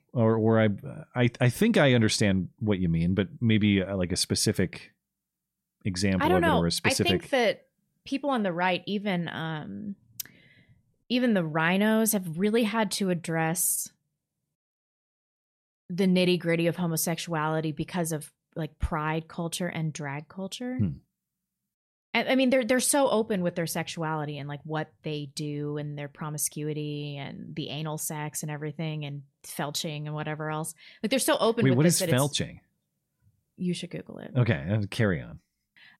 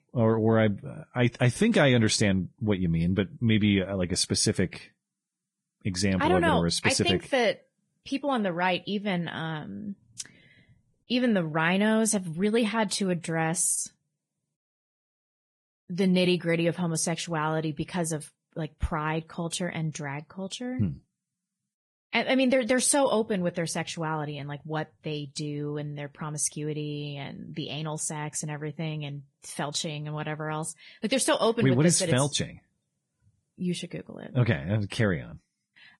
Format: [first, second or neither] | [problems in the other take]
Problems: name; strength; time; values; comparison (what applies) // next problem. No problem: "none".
first | garbled, watery; badly; nothing above 10.5 kHz